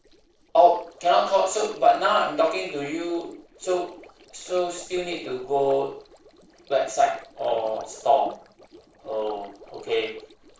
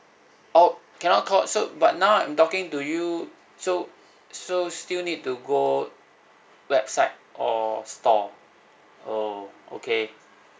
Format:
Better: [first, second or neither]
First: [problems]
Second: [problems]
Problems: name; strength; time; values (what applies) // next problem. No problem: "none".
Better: second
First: noise reduction (neural separator model SepFormer DNS4)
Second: none